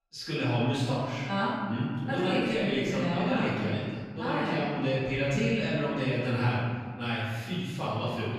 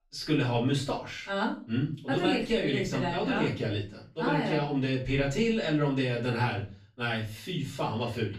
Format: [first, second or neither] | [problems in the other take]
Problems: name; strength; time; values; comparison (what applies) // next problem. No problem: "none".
second | room echo; strong; dies away in 1.9 s; slight in the second // off-mic speech; far; far in the second